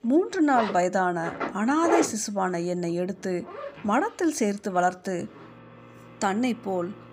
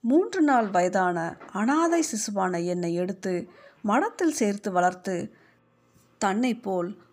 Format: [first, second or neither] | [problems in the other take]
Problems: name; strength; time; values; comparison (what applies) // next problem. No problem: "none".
second | household noises; loud; throughout; 6 dB below the speech; faint in the second